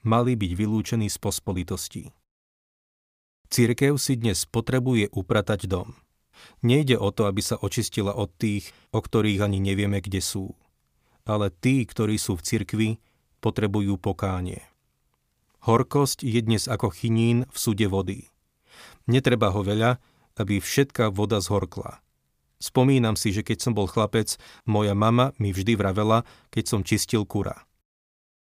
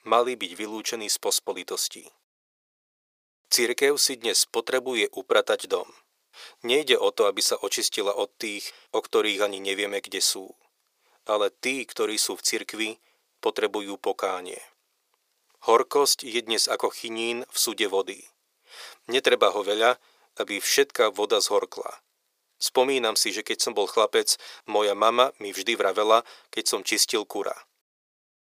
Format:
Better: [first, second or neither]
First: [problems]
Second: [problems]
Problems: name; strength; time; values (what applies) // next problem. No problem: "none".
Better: first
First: none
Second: thin; very; fading below 450 Hz